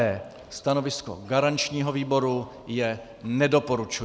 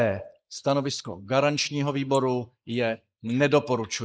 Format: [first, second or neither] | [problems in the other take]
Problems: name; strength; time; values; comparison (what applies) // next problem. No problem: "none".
first | noise reduction (neural mask model Resemble Enhance denoiser)